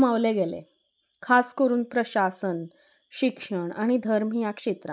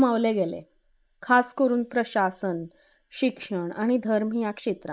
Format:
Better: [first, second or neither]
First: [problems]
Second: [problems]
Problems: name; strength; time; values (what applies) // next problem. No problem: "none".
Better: first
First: none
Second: noise reduction (neural mask model Resemble Enhance denoiser)